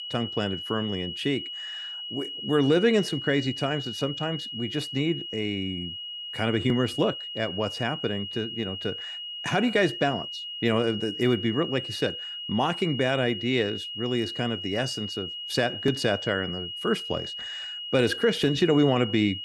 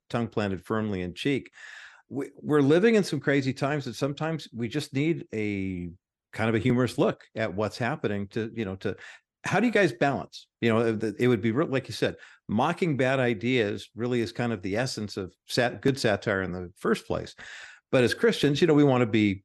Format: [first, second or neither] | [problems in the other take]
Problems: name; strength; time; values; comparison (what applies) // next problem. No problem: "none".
second | high-pitched whine; loud; throughout; 3 kHz, 6 dB below the speech